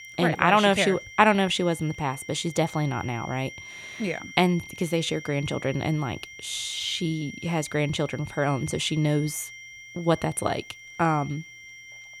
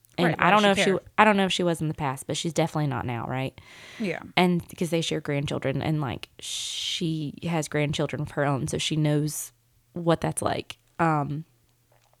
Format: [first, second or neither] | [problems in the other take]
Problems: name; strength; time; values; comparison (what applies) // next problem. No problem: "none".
second | high-pitched whine; noticeable; throughout; 2 kHz, 15 dB below the speech